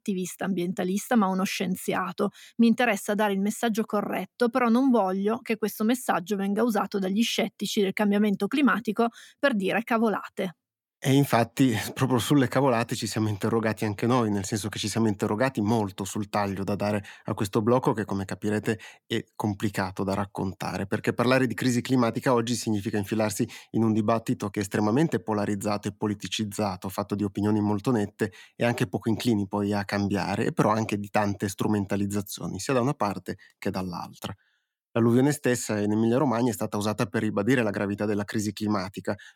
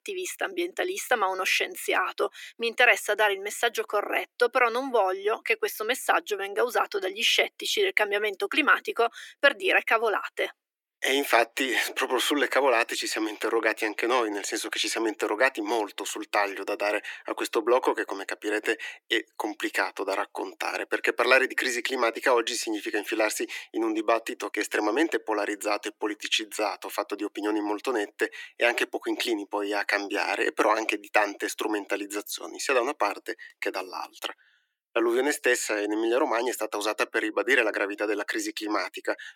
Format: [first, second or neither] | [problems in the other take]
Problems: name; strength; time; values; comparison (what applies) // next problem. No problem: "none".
first | thin; very; fading below 300 Hz